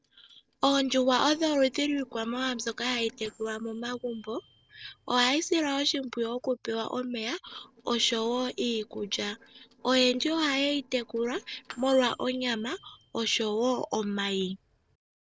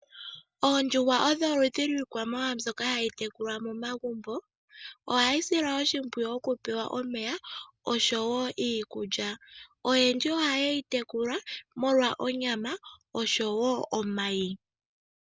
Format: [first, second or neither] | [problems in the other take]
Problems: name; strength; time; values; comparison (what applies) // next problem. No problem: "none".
second | noise reduction (neural separator model SepFormer DNS4)